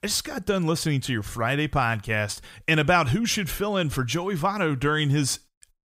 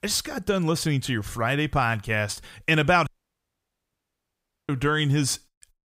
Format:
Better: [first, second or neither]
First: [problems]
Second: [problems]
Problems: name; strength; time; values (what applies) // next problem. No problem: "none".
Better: first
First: none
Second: audio cutting out; at 3 s for 1.5 s